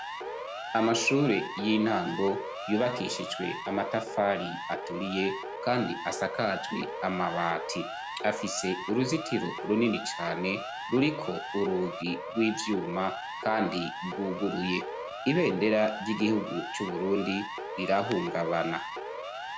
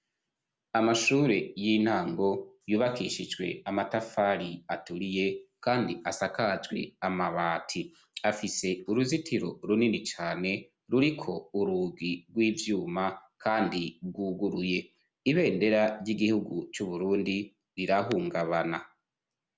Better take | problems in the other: second | background sound (Siren); 7 dB below the speech

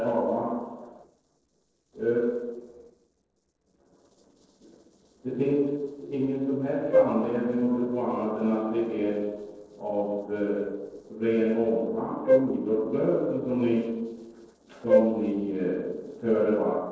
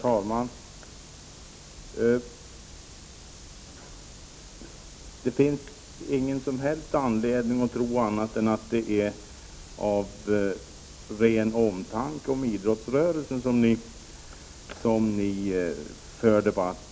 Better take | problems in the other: second | noise reduction (neural separator model SepFormer DNS4)

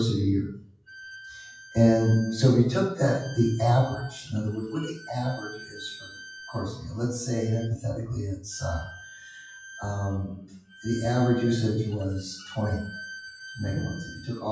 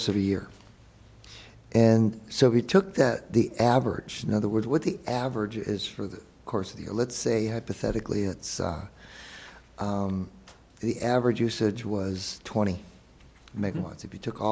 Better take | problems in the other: second | noise reduction (classical method WPE with log-MMSE)

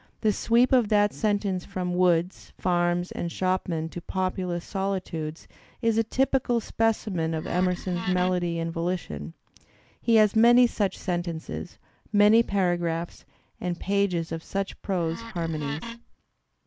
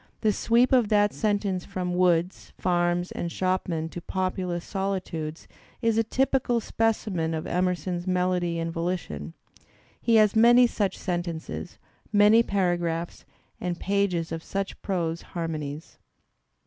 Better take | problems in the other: second | background sound (Wood); 12 dB below the speech

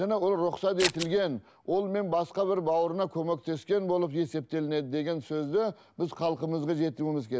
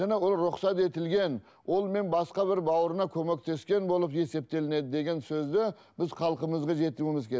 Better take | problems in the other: second | background sound (Scissors); 3 dB below the speech

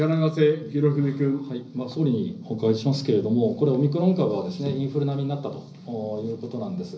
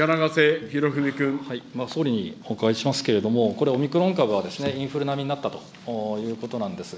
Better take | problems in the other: second | room echo; dies away in 0.5 s

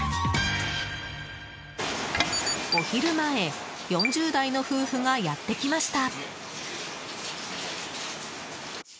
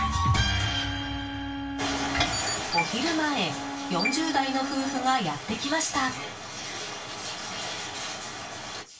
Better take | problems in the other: first | background sound (Bowed string instrument); 7 dB below the speech // room echo; dies away in 0.2 s

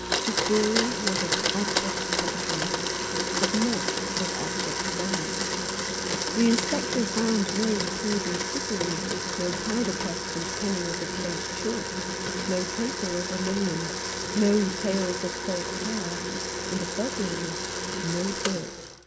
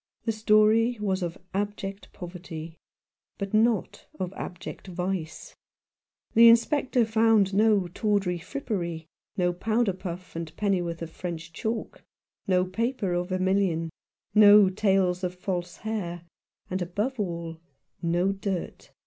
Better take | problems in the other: second | background sound (Domestic sounds, home sounds); 1 dB above the speech

